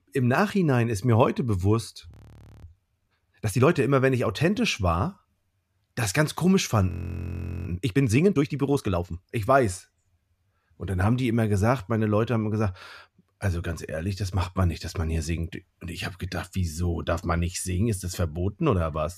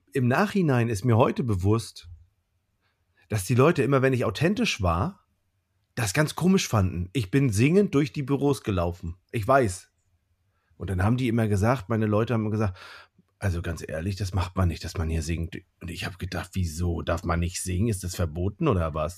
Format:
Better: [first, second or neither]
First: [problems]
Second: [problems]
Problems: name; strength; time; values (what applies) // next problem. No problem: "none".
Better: second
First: audio freezing; at 2 s for 0.5 s and at 7 s for 1 s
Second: none